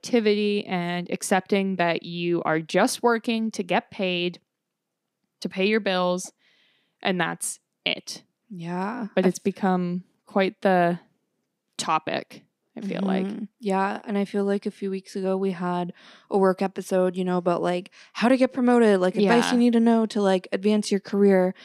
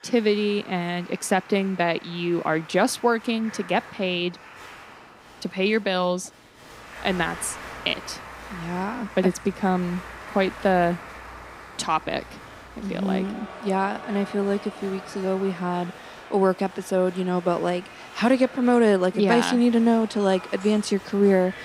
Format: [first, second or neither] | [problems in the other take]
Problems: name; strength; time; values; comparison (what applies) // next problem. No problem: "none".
first | crowd noise; noticeable; throughout; 15 dB below the speech